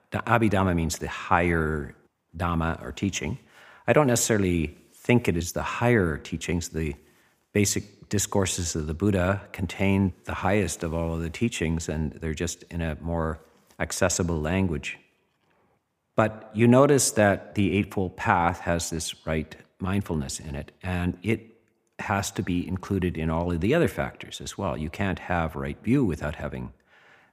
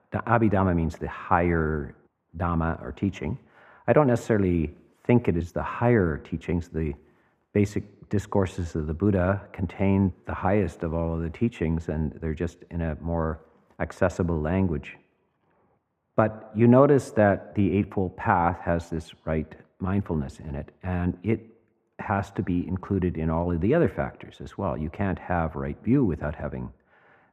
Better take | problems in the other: first | muffled; very; fading above 3 kHz

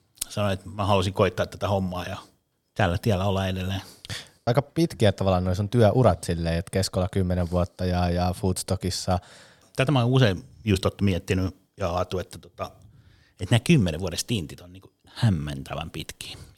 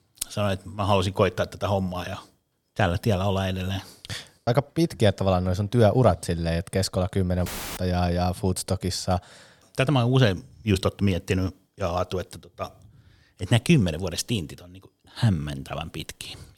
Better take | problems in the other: first | audio cutting out; filled with static; at 7.5 s

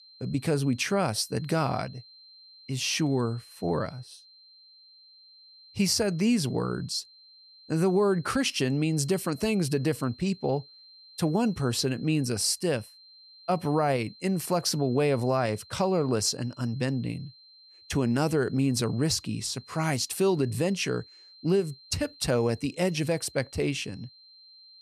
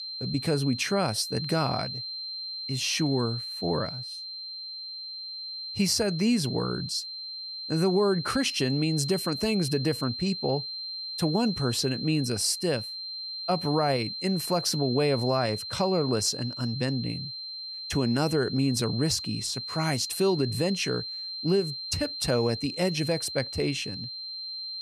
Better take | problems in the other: first | high-pitched whine; loud; throughout; 4 kHz, 6 dB below the speech; faint in the first

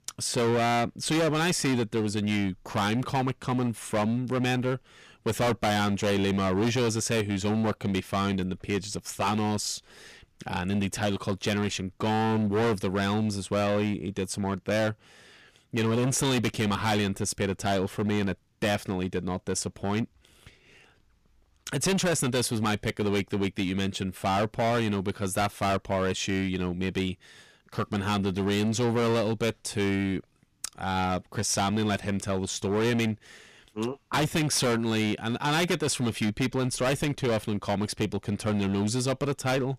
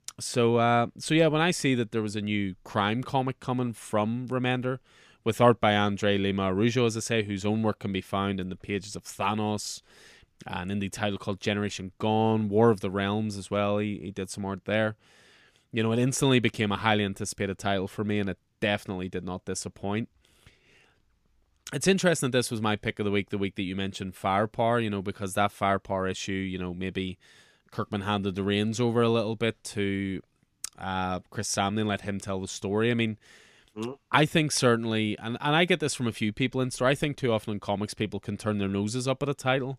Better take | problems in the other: second | distortion; heavy; 16% of the sound clipped

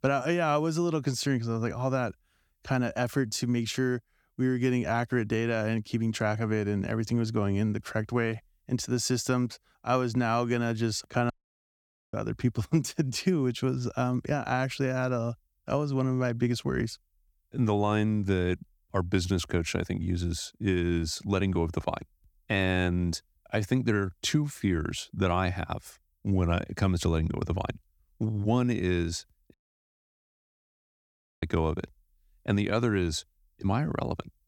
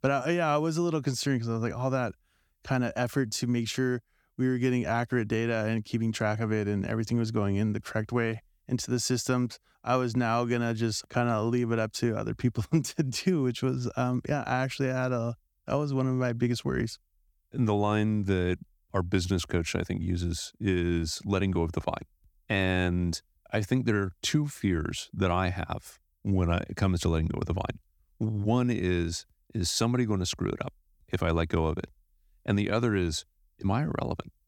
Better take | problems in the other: second | audio cutting out; at 11 s for 1 s and at 30 s for 2 s

